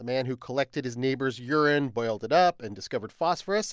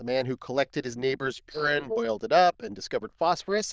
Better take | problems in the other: first | noise reduction (neural diffusion model UNIVERSE++)

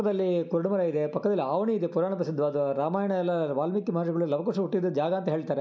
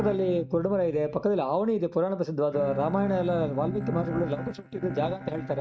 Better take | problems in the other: first | noise reduction (neural mask model RNNoise)

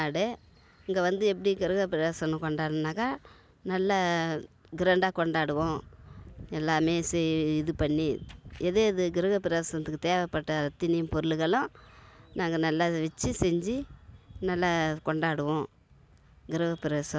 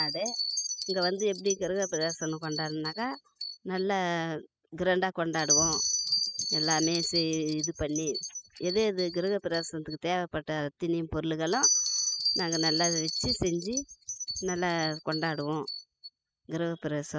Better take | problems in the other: first | noise reduction (classical method spectral subtraction)

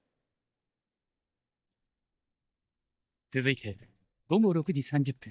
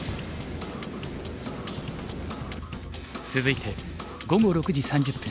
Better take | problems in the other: second | noise reduction (neural mask model DeepFilterNet 3)

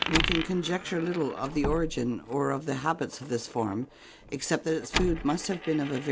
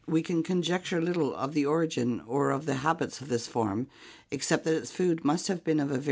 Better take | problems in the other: second | background sound (Slam + Coin (dropping)); 6 dB below the speech

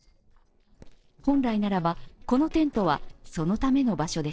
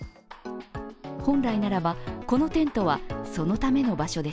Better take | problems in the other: second | noise reduction (neural separator model SepFormer DNS4)

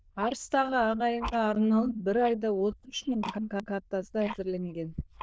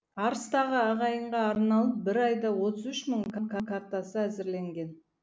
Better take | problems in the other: second | noise reduction (neural diffusion model UNIVERSE++)

